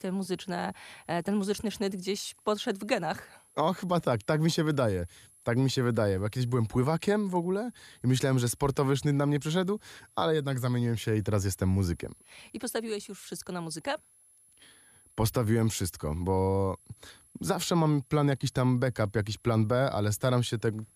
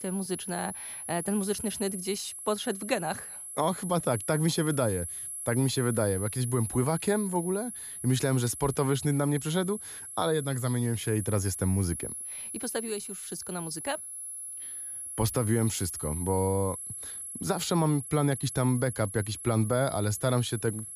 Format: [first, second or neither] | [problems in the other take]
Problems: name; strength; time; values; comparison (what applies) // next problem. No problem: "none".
first | high-pitched whine; loud; throughout; 11 kHz, 7 dB below the speech; faint in the first